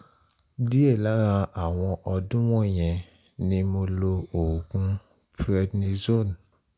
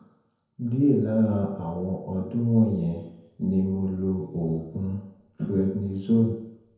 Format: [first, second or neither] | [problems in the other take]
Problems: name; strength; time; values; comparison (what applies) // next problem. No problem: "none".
first | room echo; dies away in 0.9 s